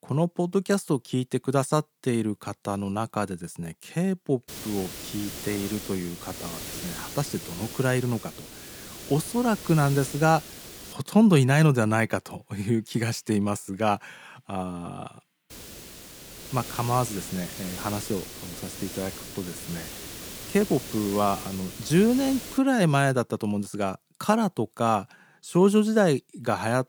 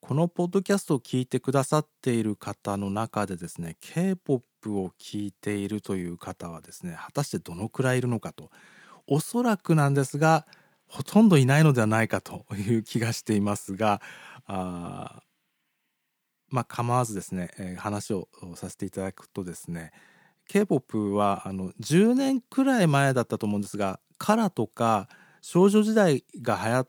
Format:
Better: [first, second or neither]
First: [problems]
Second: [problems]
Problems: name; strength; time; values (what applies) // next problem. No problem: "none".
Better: second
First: hiss; noticeable; from 4.5 to 11 s and from 16 to 23 s; 10 dB below the speech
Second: none